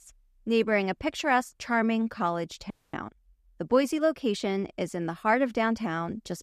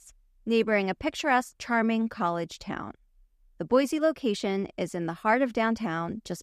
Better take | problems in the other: second | audio freezing; at 2.5 s

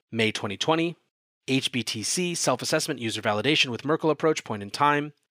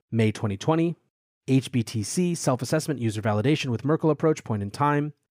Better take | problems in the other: second | thin; somewhat; fading below 450 Hz

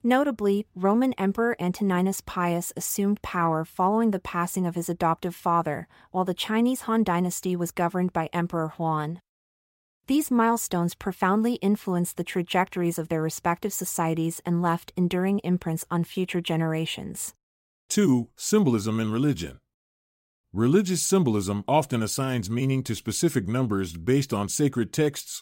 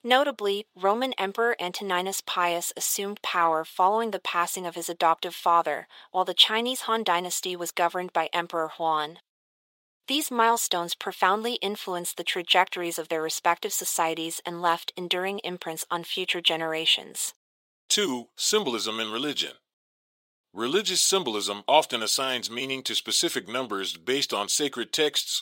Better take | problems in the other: first | thin; very; fading below 550 Hz

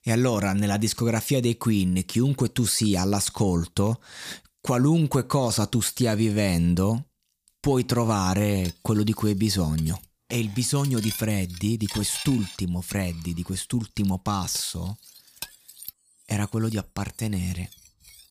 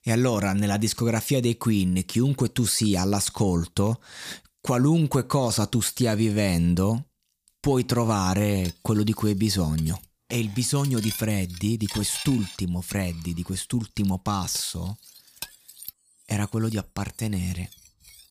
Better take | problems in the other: neither | clattering dishes; noticeable; from 8.5 s on; peak 8 dB below the speech; the same in both

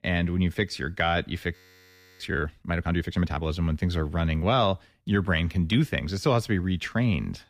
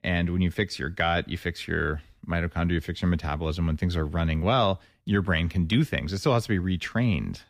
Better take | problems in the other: second | audio freezing; at 1.5 s for 0.5 s

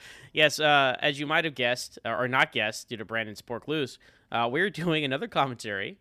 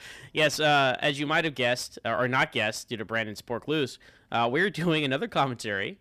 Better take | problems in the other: first | distortion; slight; 10 dB below the speech

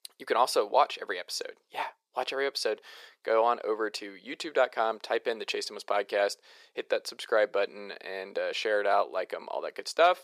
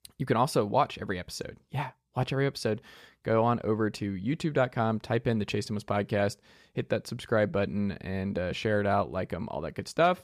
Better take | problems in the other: second | thin; very; fading below 400 Hz

